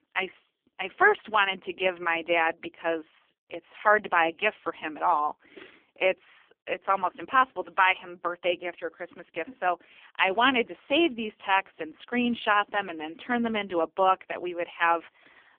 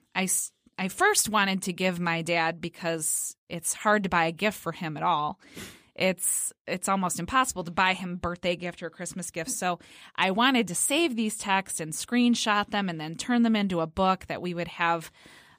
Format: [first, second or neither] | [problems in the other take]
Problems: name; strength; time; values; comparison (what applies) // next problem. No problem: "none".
second | phone-call audio; poor line; nothing above 3 kHz